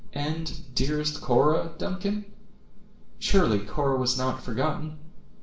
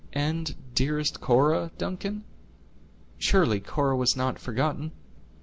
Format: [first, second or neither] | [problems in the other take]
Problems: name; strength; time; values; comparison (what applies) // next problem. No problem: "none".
second | room echo; dies away in 0.5 s